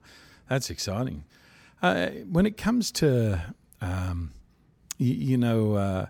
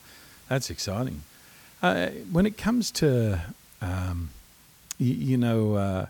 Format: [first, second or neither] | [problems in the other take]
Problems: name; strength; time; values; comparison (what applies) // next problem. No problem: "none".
first | hiss; faint; throughout; 25 dB below the speech